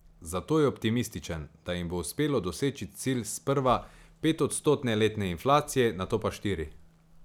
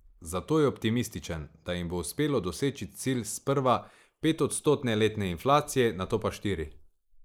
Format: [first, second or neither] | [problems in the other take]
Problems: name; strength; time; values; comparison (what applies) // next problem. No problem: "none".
first | noise reduction (neural mask model Resemble Enhance denoiser)